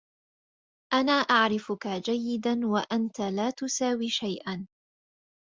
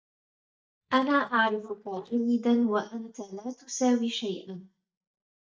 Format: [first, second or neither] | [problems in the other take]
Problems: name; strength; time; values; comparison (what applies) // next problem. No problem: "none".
first | noise reduction (neural mask model DeepFilterNet 3)